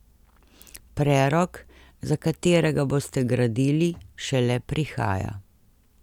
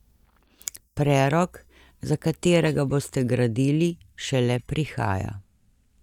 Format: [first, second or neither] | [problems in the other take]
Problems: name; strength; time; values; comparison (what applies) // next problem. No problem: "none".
first | noise reduction (neural mask model DeepFilterNet 3)